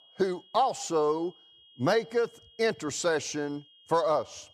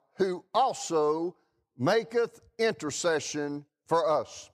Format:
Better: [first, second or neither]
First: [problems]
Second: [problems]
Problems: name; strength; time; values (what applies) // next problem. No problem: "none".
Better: second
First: high-pitched whine; faint; throughout; 3.5 kHz, 25 dB below the speech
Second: none